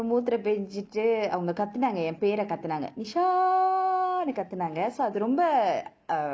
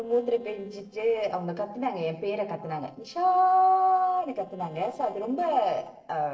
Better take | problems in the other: first | noise reduction (neural separator model SepFormer DNS4)

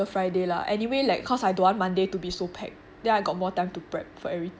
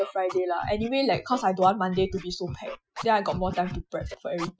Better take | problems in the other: first | noise reduction (classical method Wiener filter)

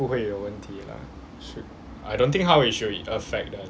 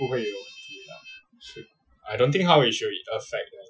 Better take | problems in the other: first | noise reduction (classical method Wiener filter)

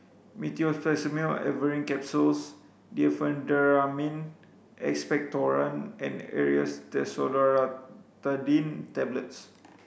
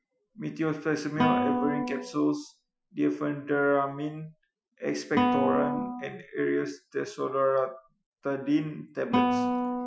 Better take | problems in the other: first | noise reduction (classical method Wiener filter)

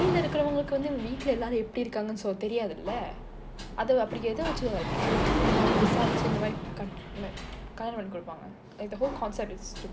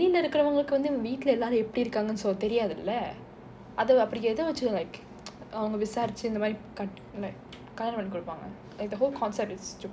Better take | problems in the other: second | background sound (Sliding door); as loud as the speech

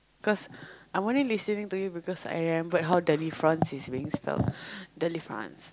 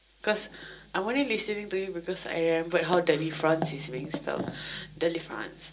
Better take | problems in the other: first | room echo; dies away in 0.2 s

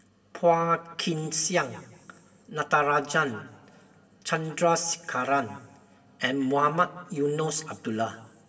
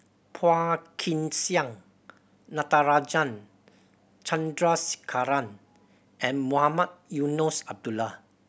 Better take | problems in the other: second | room echo; dies away in 1.9 s

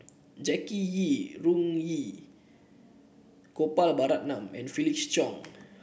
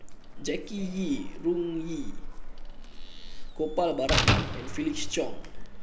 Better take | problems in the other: first | background sound (Chirp, tweet + Slam); 1 dB above the speech

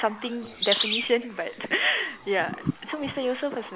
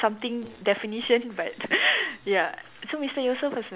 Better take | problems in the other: second | background sound (Bird vocalization, bird call, bird song); 5 dB below the speech

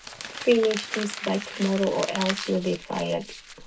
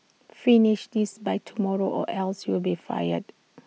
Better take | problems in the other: second | background sound (Crumpling, crinkling); 9 dB below the speech // room echo; dies away in 0.2 s

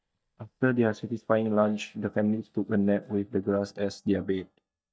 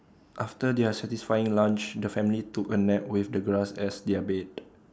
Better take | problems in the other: second | noise reduction (neural mask model DeepFilterNet 3)

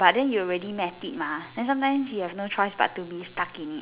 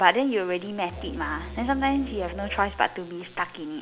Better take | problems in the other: first | background sound (Musical instrument); 12 dB below the speech

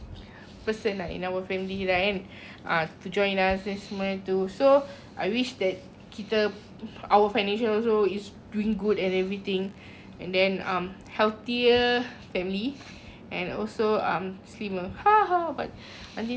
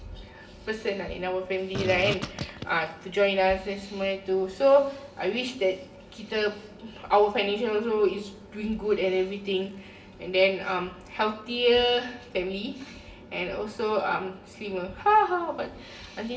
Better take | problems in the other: first | background sound (Fart); 6 dB below the speech // room echo; dies away in 0.6 s

